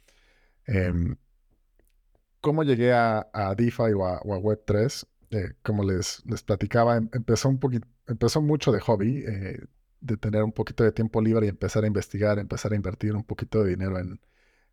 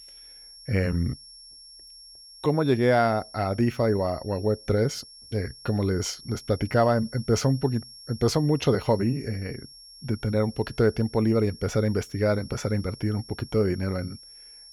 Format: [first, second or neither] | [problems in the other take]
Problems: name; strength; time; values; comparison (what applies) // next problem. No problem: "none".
first | high-pitched whine; noticeable; throughout; 5.5 kHz, 20 dB below the speech